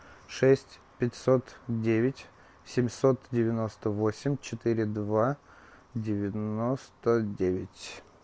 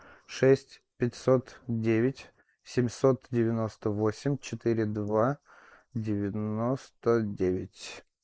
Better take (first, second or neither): first